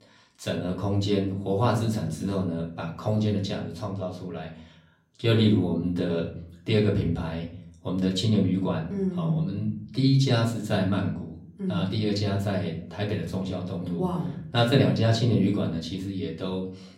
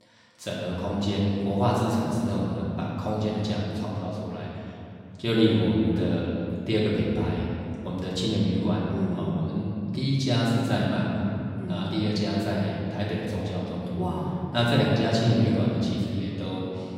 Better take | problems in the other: first | room echo; strong; dies away in 2.9 s; slight in the first // off-mic speech; far; far in the first

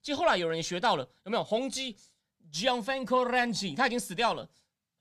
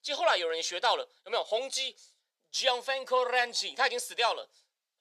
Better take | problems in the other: first | thin; very; fading below 450 Hz

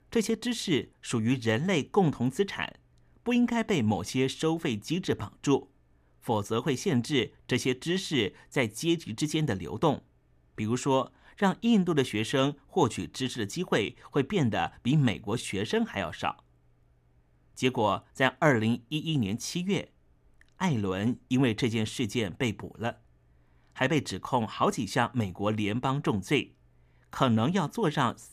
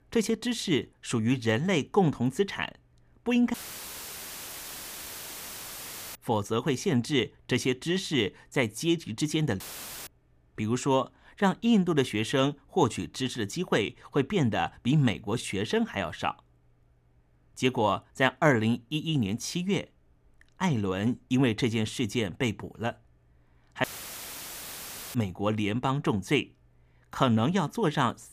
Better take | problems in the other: first | audio cutting out; filled with static; at 3.5 s for 2.5 s, at 9.5 s and at 24 s for 1.5 s

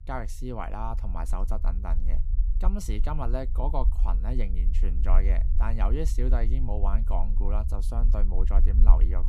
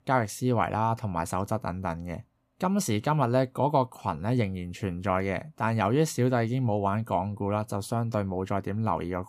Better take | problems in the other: second | low rumble; noticeable; throughout; 15 dB below the speech

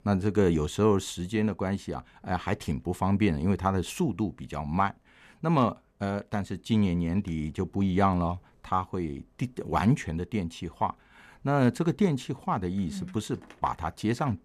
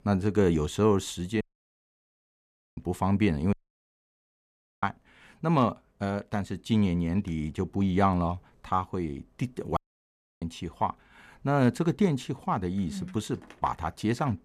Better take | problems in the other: first | audio cutting out; at 1.5 s for 1.5 s, at 3.5 s for 1.5 s and at 10 s for 0.5 s

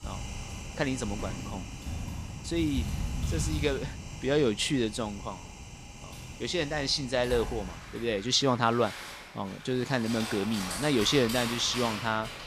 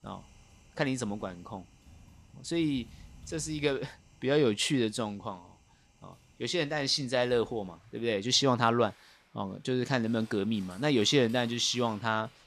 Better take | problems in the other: second | household noises; loud; throughout; 9 dB below the speech; faint in the second

